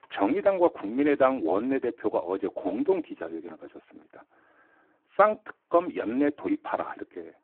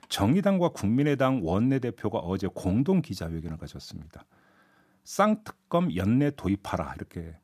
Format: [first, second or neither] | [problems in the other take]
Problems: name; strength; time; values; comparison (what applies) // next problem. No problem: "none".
second | phone-call audio; poor line